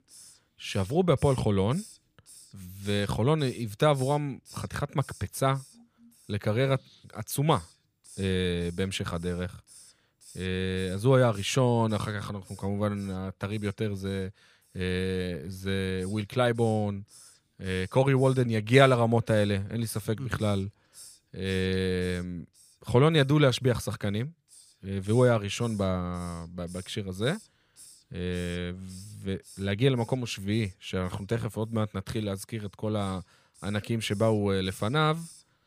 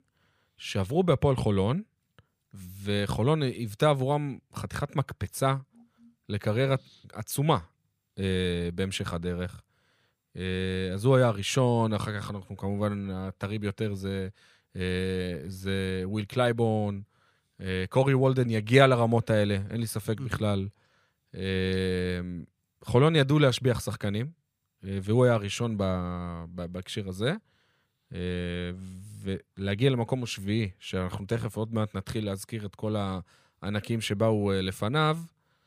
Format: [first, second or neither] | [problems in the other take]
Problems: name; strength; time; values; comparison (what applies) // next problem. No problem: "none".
second | hiss; faint; throughout; 25 dB below the speech